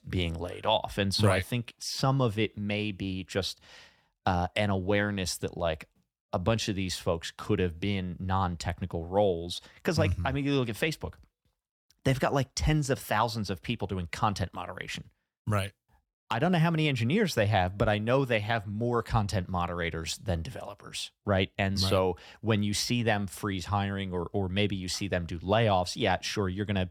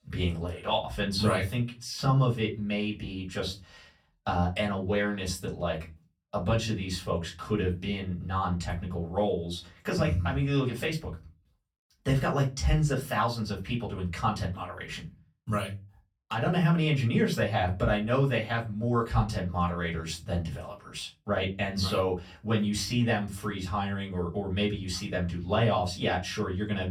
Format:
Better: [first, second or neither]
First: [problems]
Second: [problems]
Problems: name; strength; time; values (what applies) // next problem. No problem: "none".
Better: first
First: none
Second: off-mic speech; far // room echo; very slight; dies away in 0.2 s